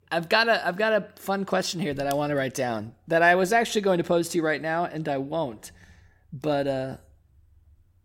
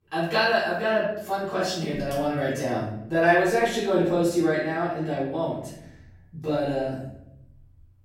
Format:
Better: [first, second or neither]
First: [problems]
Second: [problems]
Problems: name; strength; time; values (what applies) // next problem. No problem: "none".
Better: first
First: none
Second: room echo; noticeable; dies away in 0.7 s // off-mic speech; far